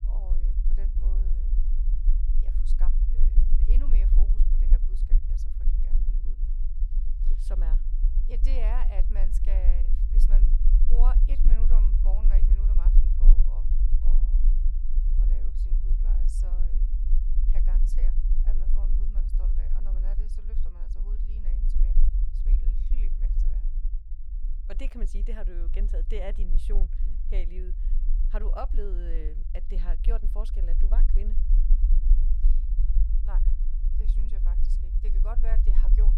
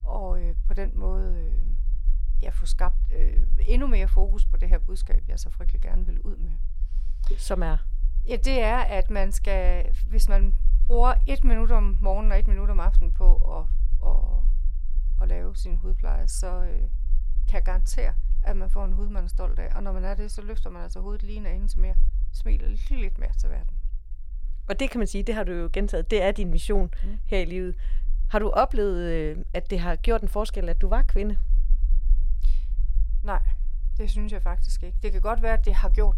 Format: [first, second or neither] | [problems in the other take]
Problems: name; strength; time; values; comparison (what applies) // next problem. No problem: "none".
second | low rumble; loud; throughout; 6 dB below the speech; faint in the second